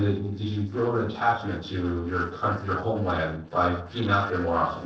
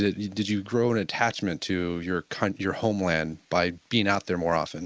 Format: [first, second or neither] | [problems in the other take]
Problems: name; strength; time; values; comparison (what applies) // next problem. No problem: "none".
second | noise reduction (neural separator model SepFormer DNS4)